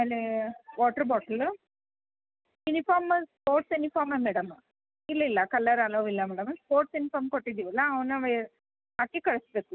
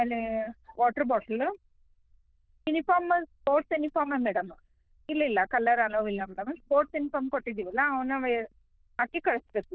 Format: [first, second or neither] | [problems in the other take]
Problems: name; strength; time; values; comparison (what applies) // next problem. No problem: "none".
first | noise reduction (neural diffusion model UNIVERSE++)